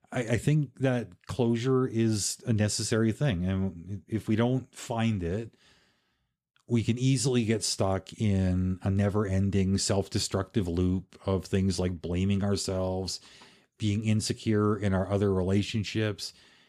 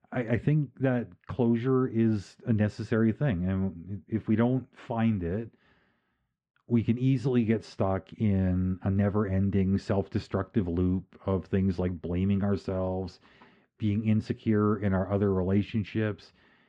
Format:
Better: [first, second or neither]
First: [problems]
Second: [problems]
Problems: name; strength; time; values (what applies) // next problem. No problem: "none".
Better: first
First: none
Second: muffled; very; fading above 2 kHz